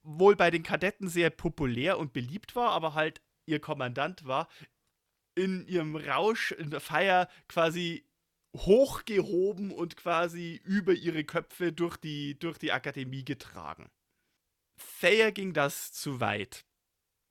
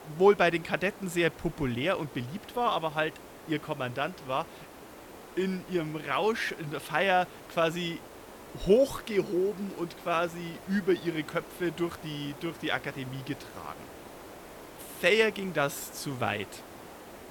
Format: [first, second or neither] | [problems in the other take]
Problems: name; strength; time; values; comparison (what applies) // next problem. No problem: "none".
first | hiss; noticeable; throughout; 15 dB below the speech